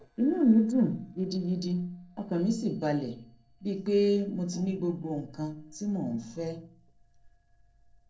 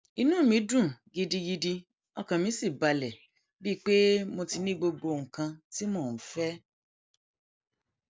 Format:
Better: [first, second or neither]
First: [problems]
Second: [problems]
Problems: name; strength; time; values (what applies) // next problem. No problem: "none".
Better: second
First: noise reduction (neural separator model SepFormer DNS4)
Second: none